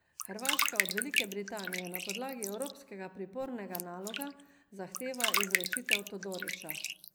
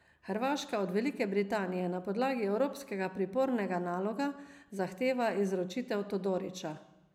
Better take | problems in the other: second | background sound (Bathtub (filling or washing)); 5 dB above the speech

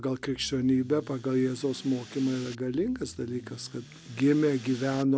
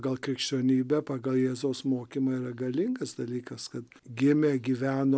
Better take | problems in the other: second | background sound (Accelerating, revving, vroom / Car); 19 dB below the speech

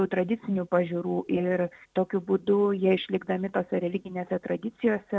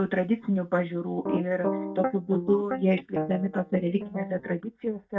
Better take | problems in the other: first | noise reduction (neural mask model DeepFilterNet 3)

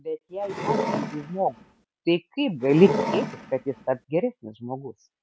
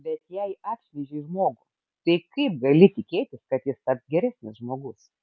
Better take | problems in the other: second | background sound (Wood); 4 dB below the speech

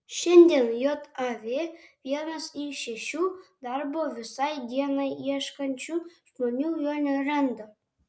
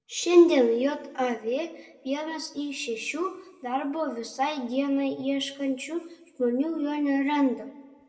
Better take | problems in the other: first | room echo; dies away in 0.8 s

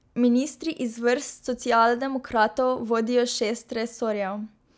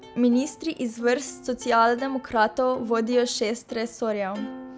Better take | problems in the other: first | background sound (Plucked string instrument); 18 dB below the speech

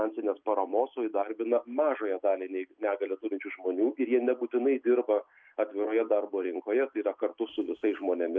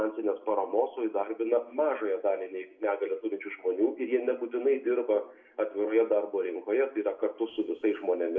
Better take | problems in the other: first | room echo; dies away in 0.5 s

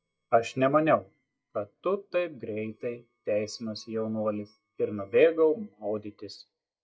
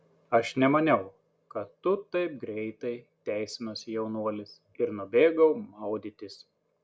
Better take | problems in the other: second | noise reduction (neural mask model DeepFilterNet 3)

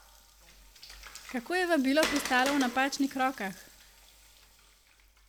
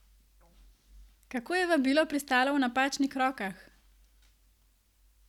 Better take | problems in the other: second | background sound (Water); 10 dB below the speech

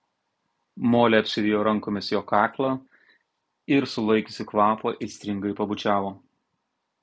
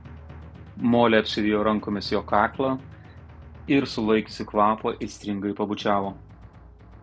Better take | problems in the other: first | background sound (Drum); 19 dB below the speech

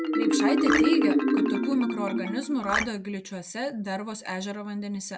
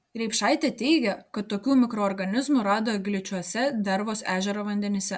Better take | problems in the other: second | background sound (Marimba, xylophone + Marimba, xylophone); 4 dB above the speech

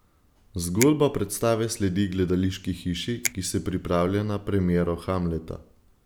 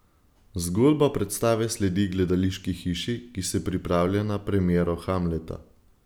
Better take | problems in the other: second | background sound (Finger snapping); 13 dB below the speech

